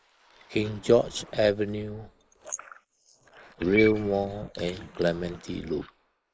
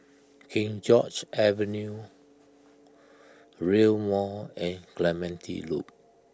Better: second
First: noise reduction (neural mask model Resemble Enhance denoiser)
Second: none

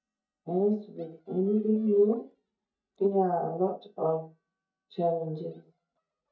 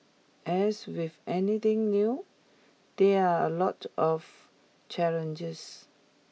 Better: second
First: noise reduction (neural mask model DeepFilterNet 3)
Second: none

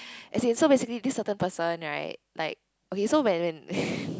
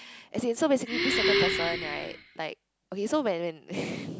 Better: first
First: none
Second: background sound (Breathing); 1 dB above the speech

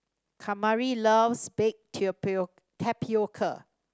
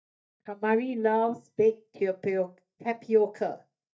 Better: first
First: none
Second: noise reduction (neural mask model DeepFilterNet 3)

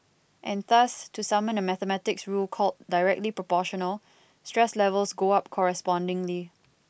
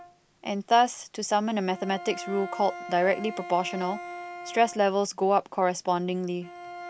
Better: first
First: none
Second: background sound (Bowed string instrument); 14 dB below the speech

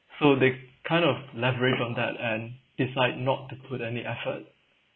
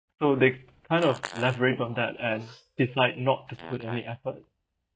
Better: first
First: none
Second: noise reduction (neural mask model DeepFilterNet 3)

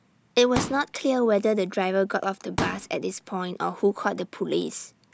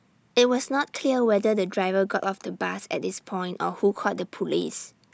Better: second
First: background sound (Explosion); 8 dB below the speech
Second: none

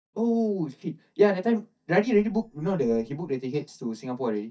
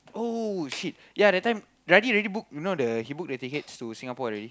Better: second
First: noise reduction (neural mask model DeepFilterNet 3)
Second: none

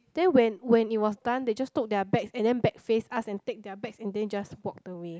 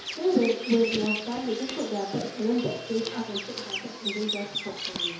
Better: first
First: none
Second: background sound (Bird vocalization, bird call, bird song); 7 dB below the speech // room echo; dies away in 2.4 s

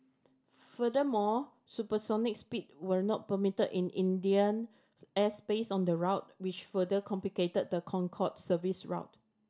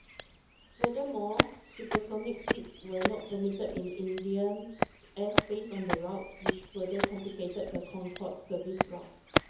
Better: first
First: none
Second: background sound (Walk, footsteps); 1 dB above the speech // room echo; dies away in 0.7 s

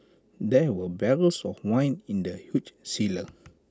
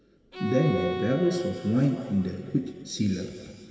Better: first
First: none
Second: background sound (Bowed string instrument); 11 dB below the speech // room echo; dies away in 2.5 s

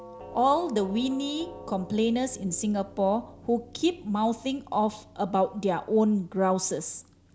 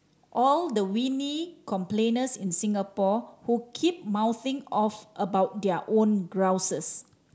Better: second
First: background sound (Doorbell); 19 dB below the speech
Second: none

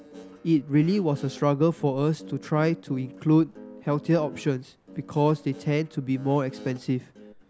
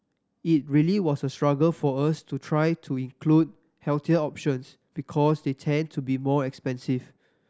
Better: second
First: background sound (Guitar); 20 dB below the speech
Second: none

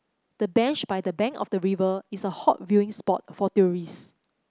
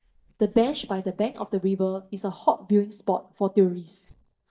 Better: first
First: none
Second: noise reduction (neural mask model DeepFilterNet 3)

